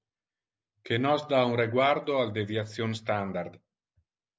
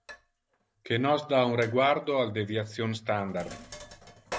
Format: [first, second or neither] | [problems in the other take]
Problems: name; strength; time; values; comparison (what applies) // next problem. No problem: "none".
first | background sound (Sink (filling or washing)); 18 dB below the speech